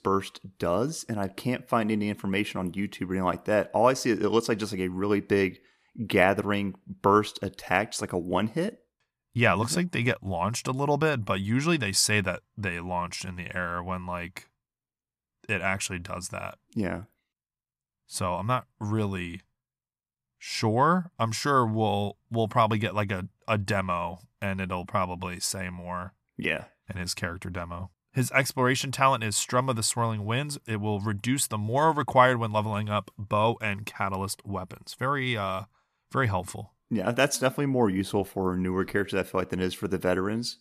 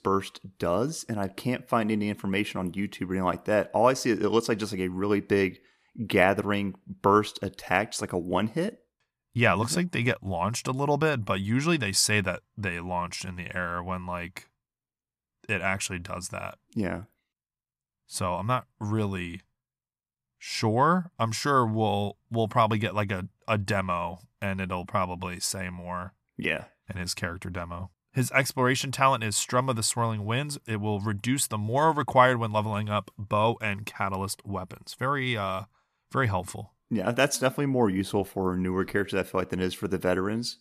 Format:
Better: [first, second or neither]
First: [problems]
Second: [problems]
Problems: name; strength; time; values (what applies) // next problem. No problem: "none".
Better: neither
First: none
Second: none